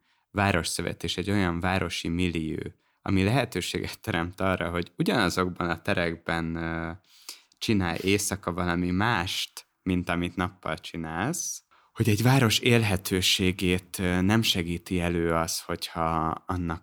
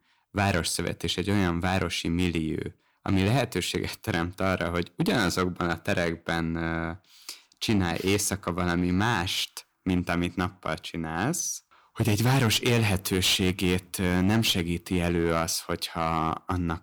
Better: first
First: none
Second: distortion; slight; 6% of the sound clipped

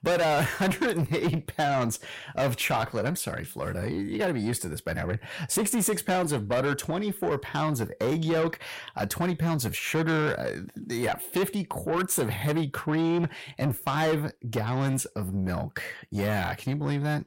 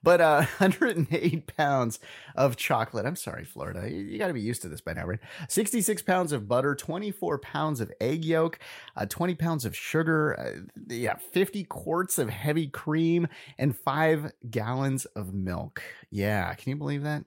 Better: second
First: distortion; heavy; 7 dB below the speech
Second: none

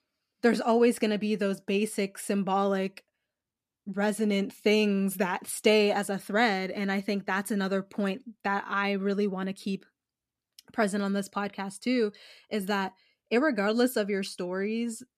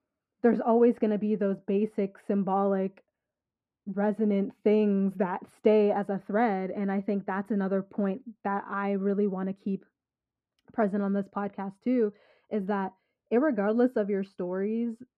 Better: first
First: none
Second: muffled; very; fading above 2.5 kHz

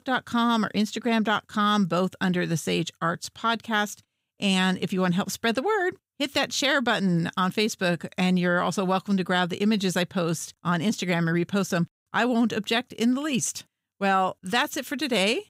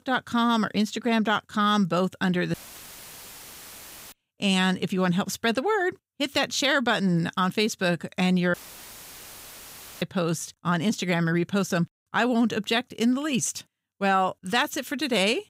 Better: first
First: none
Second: audio cutting out; filled with static; at 2.5 s for 1.5 s and at 8.5 s for 1.5 s

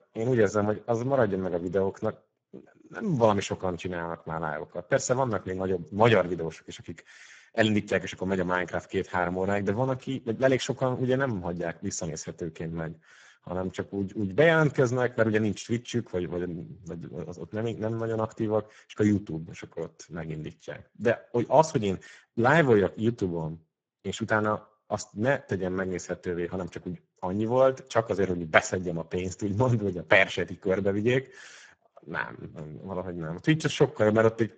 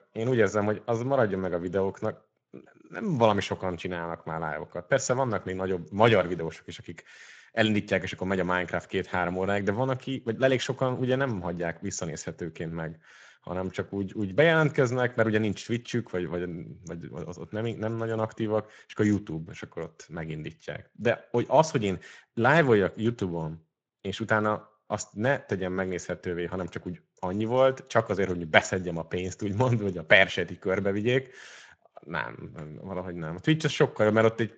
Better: second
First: garbled, watery; badly; nothing above 7.5 kHz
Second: garbled, watery; slightly; nothing above 7.5 kHz

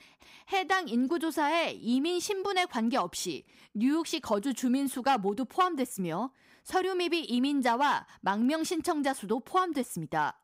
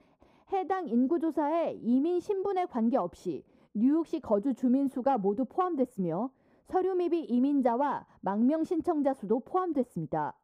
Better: first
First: none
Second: muffled; very; fading above 1.5 kHz

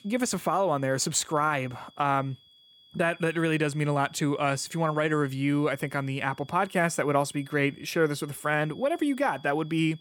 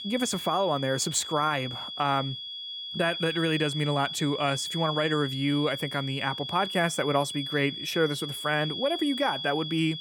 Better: first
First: high-pitched whine; faint; throughout; 3.5 kHz, 25 dB below the speech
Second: high-pitched whine; loud; throughout; 3.5 kHz, 6 dB below the speech

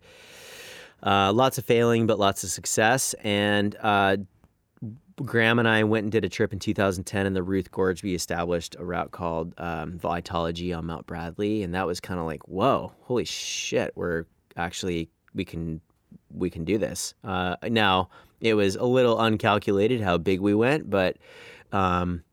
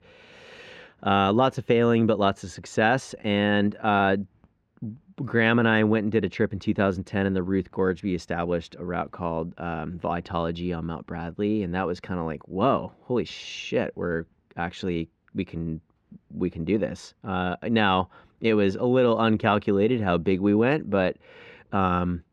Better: first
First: none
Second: muffled; slightly; fading above 3 kHz

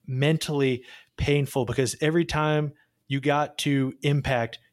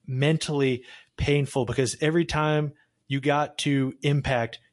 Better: first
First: none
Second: garbled, watery; slightly; nothing above 11 kHz

